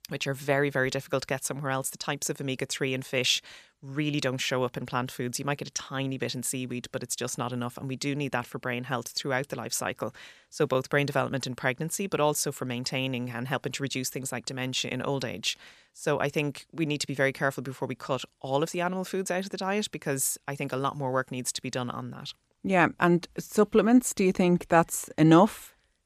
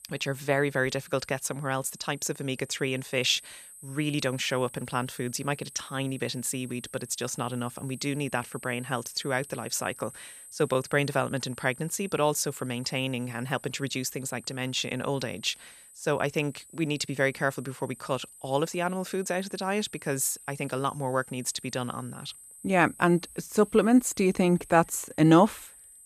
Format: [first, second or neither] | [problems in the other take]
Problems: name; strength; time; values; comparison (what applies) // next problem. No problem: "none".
first | high-pitched whine; noticeable; throughout; 8 kHz, 20 dB below the speech